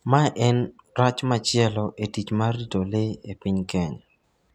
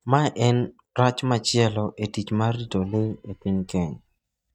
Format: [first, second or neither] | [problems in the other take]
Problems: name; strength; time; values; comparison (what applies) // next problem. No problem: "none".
first | noise reduction (neural mask model DeepFilterNet 3)